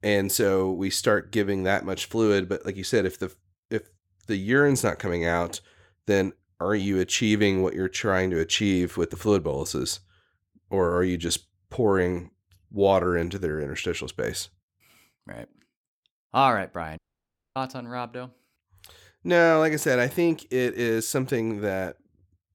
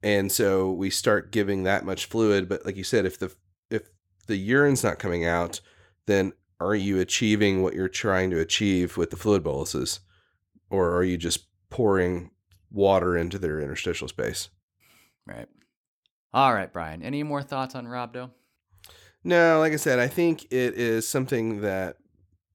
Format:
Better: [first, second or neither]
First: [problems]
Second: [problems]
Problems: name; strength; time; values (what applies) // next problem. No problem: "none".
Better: second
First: audio cutting out; at 17 s for 0.5 s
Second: none